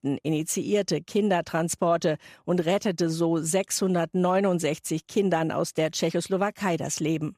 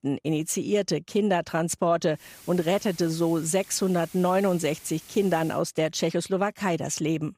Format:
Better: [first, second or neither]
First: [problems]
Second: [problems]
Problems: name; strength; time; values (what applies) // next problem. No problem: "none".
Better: first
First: none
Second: hiss; faint; from 2 to 5.5 s; 20 dB below the speech